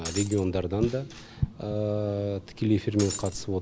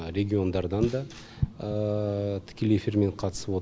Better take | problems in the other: second | background sound (Shatter); 9 dB below the speech

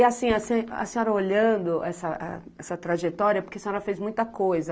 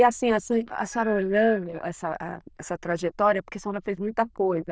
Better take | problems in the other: first | noise reduction (neural diffusion model UNIVERSE++)

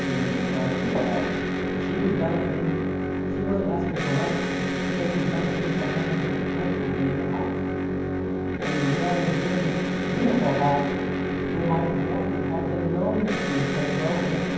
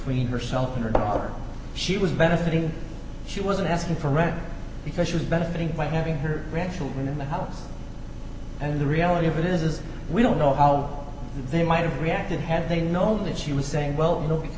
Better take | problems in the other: second | background sound (Electric guitar); 2 dB above the speech // room echo; dies away in 1.2 s

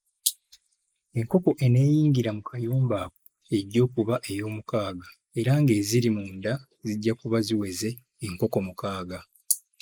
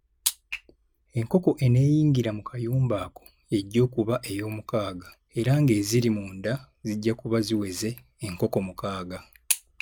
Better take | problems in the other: second | noise reduction (neural mask model Resemble Enhance denoiser)

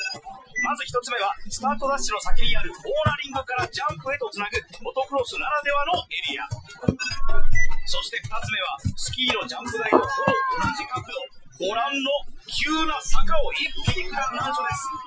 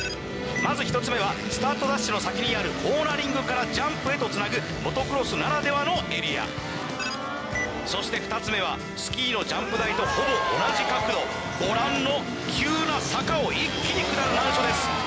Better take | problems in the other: second | noise reduction (classical method Wiener filter)

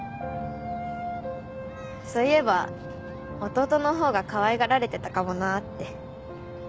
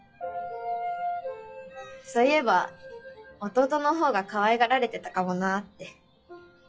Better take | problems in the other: first | noise reduction (classical method WPE with log-MMSE)

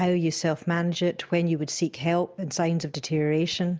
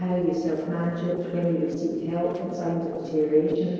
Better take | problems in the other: first | noise reduction (neural separator model SepFormer DNS4)

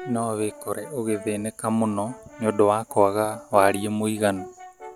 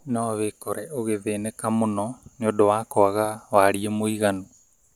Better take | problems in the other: second | background sound (Brass instrument); 17 dB below the speech

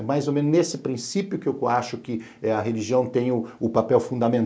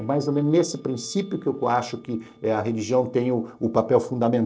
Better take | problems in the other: first | noise reduction (neural separator model SepFormer DNS4)

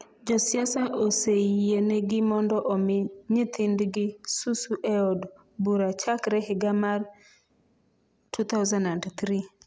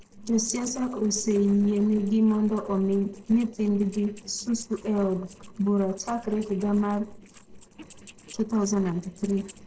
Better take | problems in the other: first | noise reduction (neural separator model SepFormer DNS4)

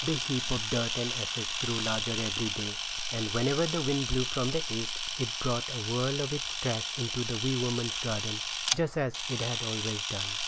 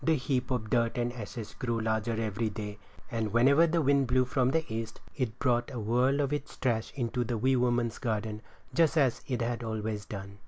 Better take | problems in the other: second | background sound (Camera); 2 dB below the speech

